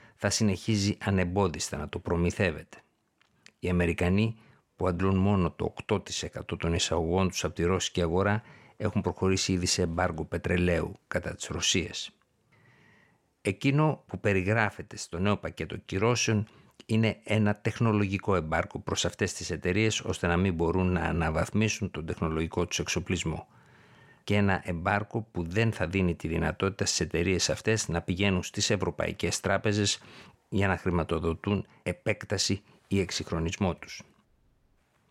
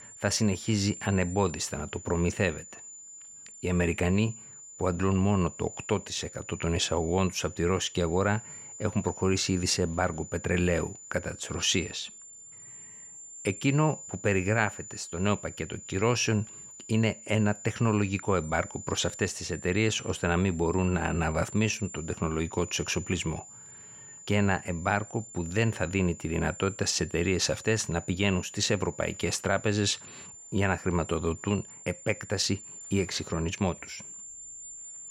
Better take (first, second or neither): first